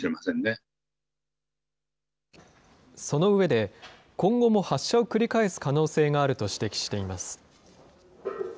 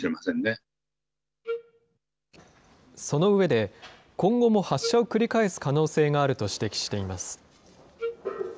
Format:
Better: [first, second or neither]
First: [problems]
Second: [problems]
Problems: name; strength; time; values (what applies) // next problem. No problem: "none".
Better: first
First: none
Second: background sound (Wind instrument, woodwind instrument); 9 dB below the speech